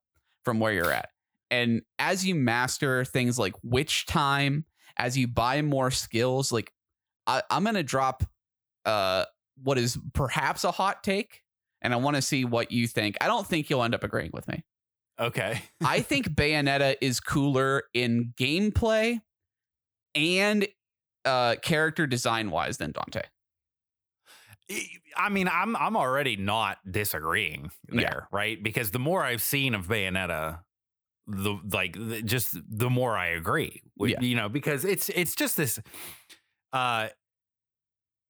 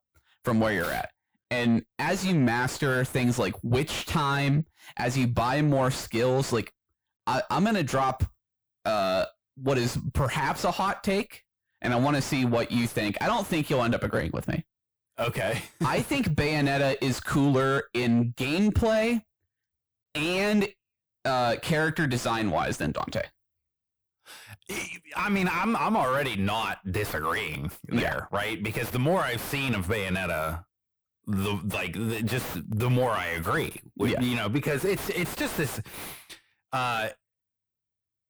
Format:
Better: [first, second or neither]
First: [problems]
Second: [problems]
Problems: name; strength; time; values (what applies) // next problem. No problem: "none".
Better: first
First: none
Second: distortion; heavy; 6 dB below the speech